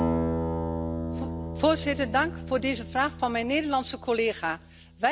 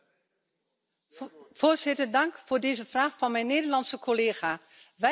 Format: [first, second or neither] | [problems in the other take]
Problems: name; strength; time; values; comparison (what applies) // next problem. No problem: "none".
second | background sound (Acoustic guitar); 4 dB below the speech